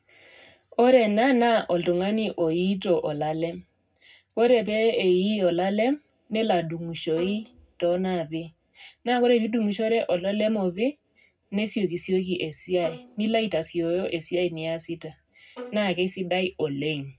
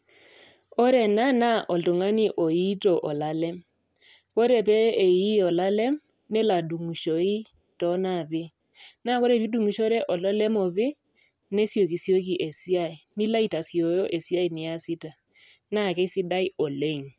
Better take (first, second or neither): second